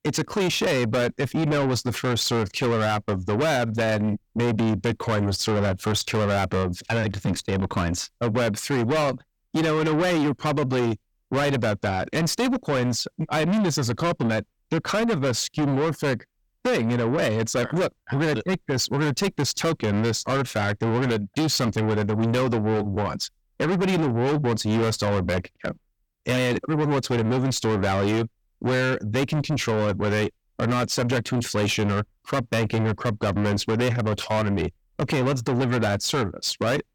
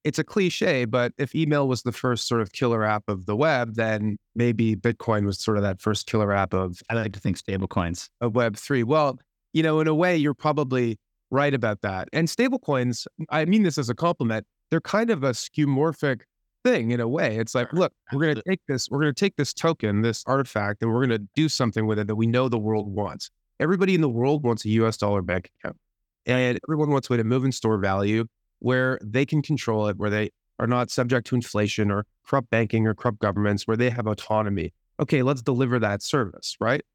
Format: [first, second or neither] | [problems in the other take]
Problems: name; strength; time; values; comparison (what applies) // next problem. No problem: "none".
second | distortion; heavy; 6 dB below the speech